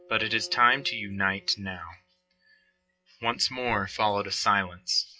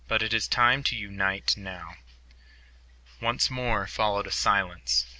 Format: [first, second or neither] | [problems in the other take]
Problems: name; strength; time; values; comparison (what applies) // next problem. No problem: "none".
second | noise reduction (classical method WPE with log-MMSE)